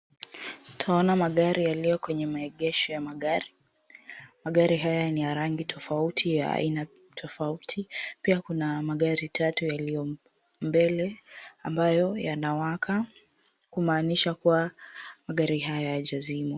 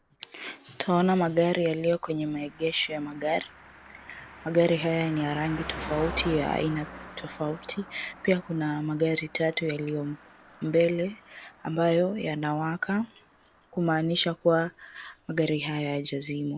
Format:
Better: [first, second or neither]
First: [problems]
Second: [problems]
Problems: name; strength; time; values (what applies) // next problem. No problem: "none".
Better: first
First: none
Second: background sound (Car passing by); 17 dB below the speech